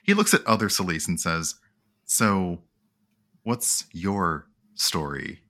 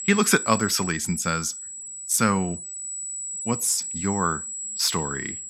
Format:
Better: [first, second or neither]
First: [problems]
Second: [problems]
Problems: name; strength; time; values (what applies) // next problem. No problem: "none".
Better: first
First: none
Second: high-pitched whine; loud; throughout; 8 kHz, 6 dB below the speech